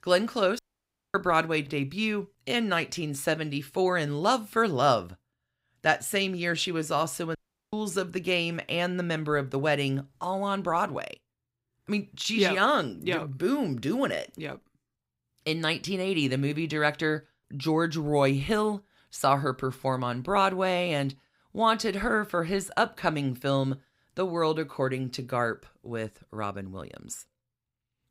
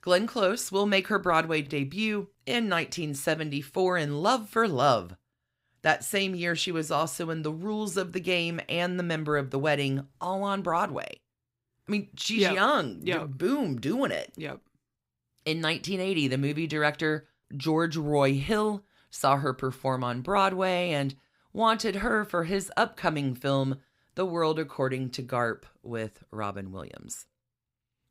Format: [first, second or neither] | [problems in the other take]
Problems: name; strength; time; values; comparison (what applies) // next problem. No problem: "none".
second | audio cutting out; at 0.5 s for 0.5 s and at 7.5 s